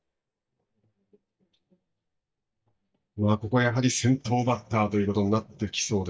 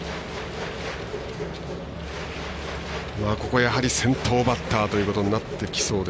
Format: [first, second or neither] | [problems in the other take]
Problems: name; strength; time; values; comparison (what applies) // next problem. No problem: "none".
second | noise reduction (neural mask model DeepFilterNet 3)